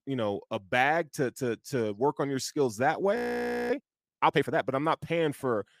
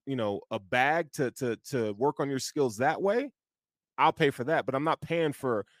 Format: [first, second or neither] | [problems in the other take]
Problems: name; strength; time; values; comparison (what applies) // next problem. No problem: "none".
second | audio freezing; at 3 s for 0.5 s